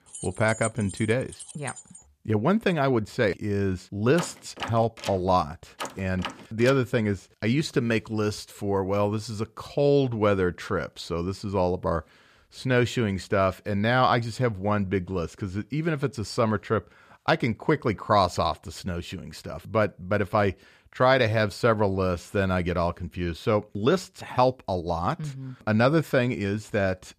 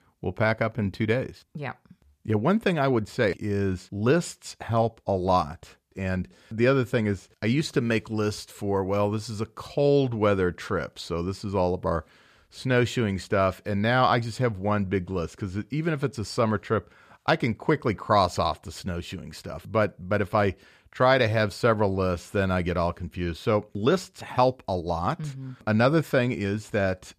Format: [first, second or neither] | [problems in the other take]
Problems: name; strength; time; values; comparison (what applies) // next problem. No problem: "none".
second | jangling keys; faint; until 2 s; peak 10 dB below the speech // door banging; faint; from 4 to 7 s; peak 10 dB below the speech